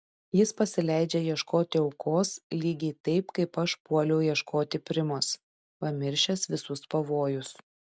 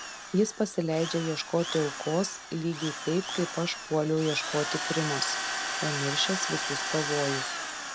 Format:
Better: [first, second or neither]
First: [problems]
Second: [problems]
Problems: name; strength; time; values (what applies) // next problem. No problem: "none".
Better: first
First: none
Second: background sound (Drill); 4 dB below the speech